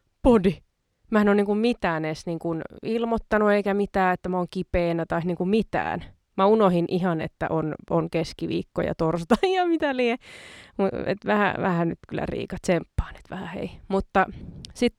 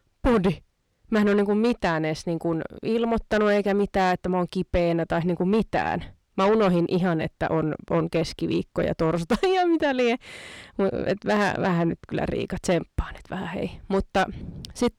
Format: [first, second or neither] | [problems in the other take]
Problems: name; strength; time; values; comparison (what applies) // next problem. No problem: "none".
first | distortion; slight; 10 dB below the speech